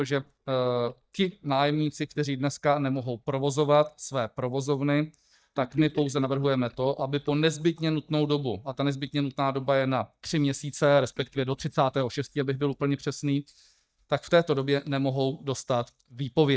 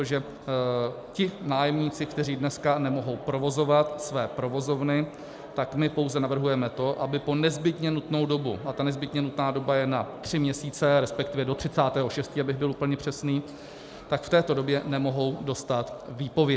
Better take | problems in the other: second | noise reduction (neural mask model DeepFilterNet 3)

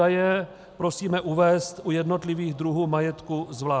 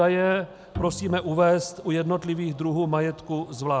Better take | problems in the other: first | background sound (Bowed string instrument); 13 dB below the speech

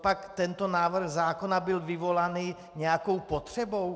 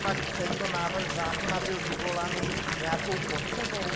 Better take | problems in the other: first | background sound (Fill (with liquid) / Bathtub (filling or washing) / Water tap, faucet); 3 dB above the speech

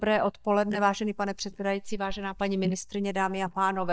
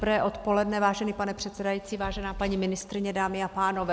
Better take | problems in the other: second | noise reduction (neural mask model DeepFilterNet 3)

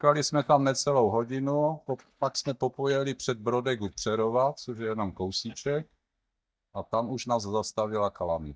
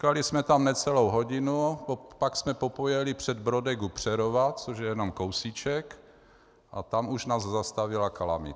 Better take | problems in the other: second | noise reduction (neural mask model DeepFilterNet 3)

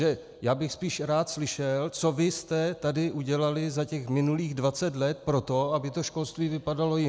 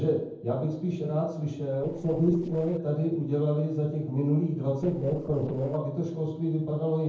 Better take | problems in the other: first | noise reduction (neural separator model SepFormer DNS4)

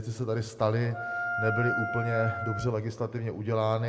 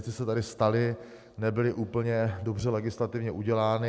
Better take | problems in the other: second | background sound (Wind instrument, woodwind instrument); 3 dB below the speech // room echo; dies away in 1.6 s

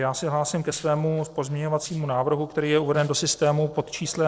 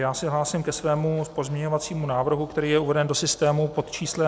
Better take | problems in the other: second | noise reduction (neural separator model SepFormer DNS4)

